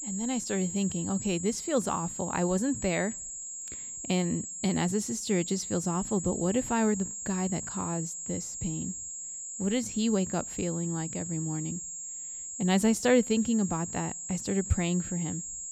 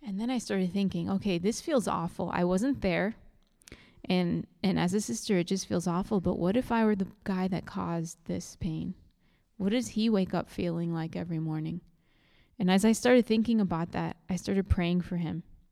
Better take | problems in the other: second | high-pitched whine; loud; throughout; 7.5 kHz, 6 dB below the speech

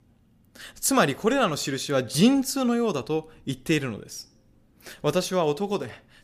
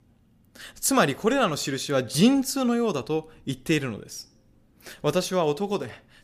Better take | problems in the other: neither | none

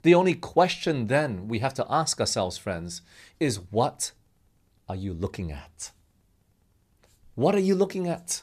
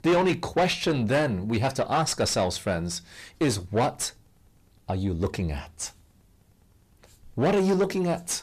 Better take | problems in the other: first | distortion; heavy; 6 dB below the speech

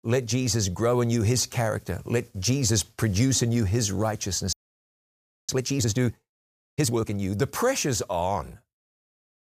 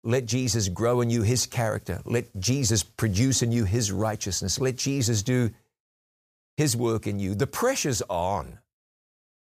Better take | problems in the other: second | audio freezing; at 4.5 s for 1 s

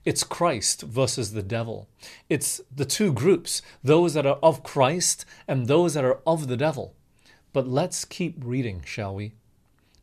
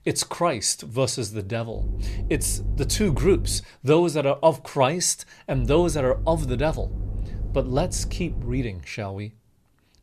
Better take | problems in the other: first | low rumble; faint; from 2 to 3.5 s and from 5.5 to 8.5 s; 20 dB below the speech

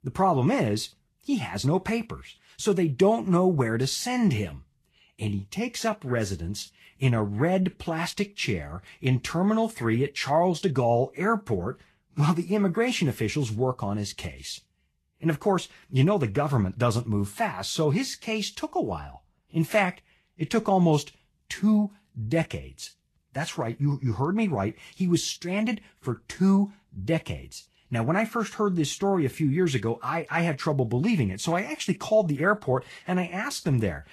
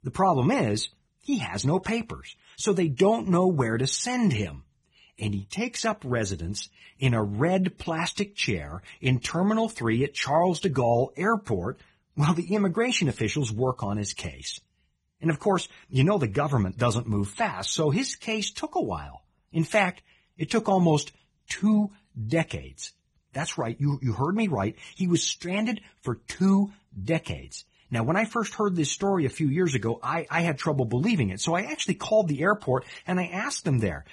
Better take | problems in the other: first | garbled, watery; badly; nothing above 10 kHz; slightly in the first

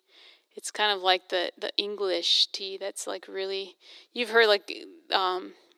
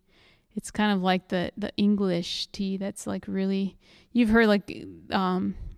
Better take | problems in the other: second | thin; very; fading below 350 Hz

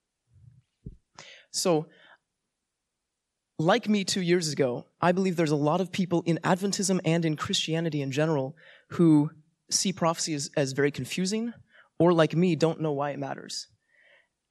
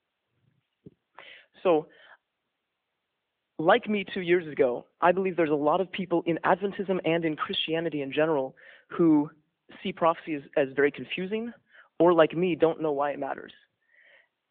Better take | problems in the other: first | phone-call audio; nothing above 3.5 kHz

